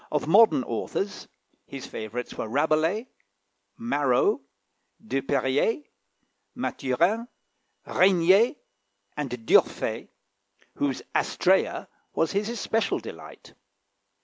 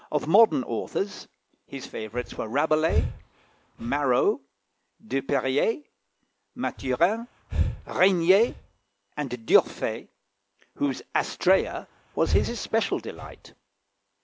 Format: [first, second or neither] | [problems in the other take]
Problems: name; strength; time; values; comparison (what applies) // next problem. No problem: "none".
first | background sound (Breathing); 6 dB below the speech